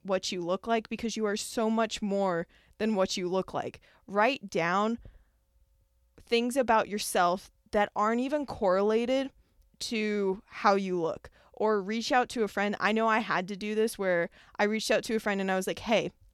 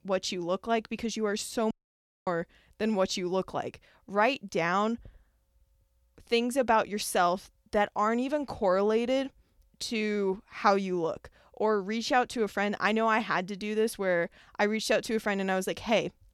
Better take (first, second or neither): first